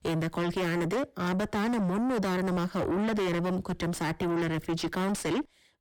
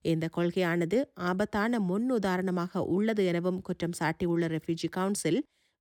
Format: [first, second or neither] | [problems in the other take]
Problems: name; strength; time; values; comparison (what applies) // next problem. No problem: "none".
second | distortion; heavy; 5 dB below the speech